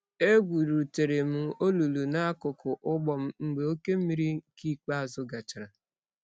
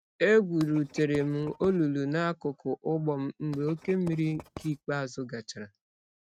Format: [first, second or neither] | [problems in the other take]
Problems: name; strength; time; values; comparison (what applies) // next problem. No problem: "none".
first | noise reduction (neural mask model RNNoise)